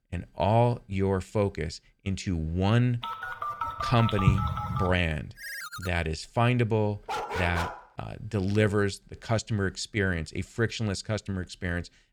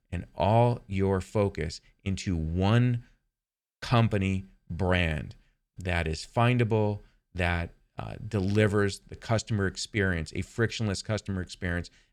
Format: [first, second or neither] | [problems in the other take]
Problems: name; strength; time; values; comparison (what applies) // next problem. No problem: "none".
second | phone ringing; loud; from 3 to 5 s; peak 3 dB above the speech // phone ringing; noticeable; at 5.5 s; peak 8 dB below the speech // dog barking; noticeable; at 7 s; peak 4 dB below the speech